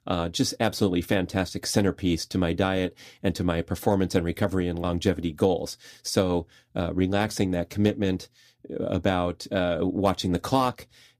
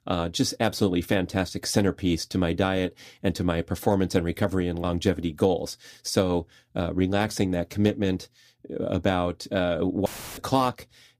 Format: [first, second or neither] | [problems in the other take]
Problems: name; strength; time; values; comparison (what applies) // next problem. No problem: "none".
first | audio cutting out; filled with static; at 10 s